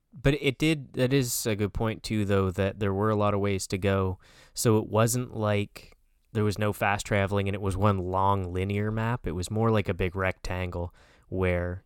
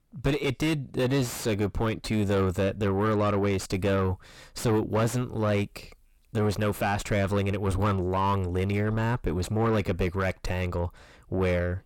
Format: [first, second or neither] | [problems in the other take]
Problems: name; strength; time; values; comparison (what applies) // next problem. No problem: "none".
first | distortion; heavy; 5 dB below the speech